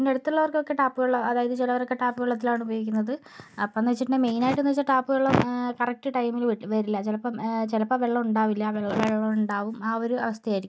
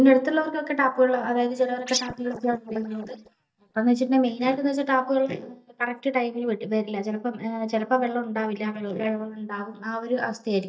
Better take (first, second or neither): first